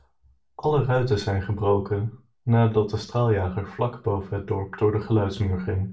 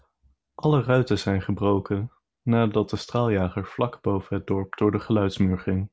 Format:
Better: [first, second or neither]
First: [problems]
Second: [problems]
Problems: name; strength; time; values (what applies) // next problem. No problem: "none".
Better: second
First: room echo; dies away in 0.3 s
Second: none